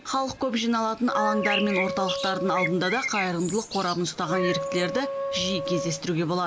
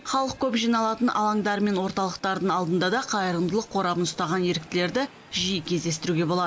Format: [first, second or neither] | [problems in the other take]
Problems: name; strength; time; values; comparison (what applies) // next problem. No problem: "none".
second | background sound (Wind instrument, woodwind instrument + Bird); 4 dB below the speech